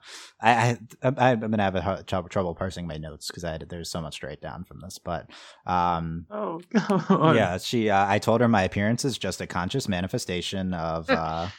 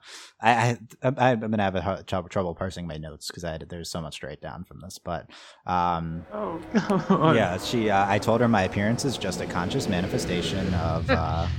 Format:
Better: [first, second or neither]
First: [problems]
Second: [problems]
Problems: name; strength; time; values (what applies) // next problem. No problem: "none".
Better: first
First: none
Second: traffic noise; loud; from 6.5 s on; 8 dB below the speech